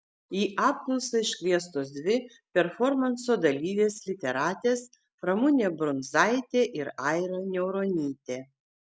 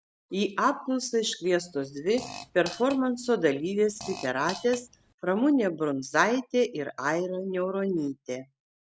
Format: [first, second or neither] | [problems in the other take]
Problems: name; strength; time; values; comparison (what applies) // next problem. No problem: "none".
first | background sound (Fart); 16 dB below the speech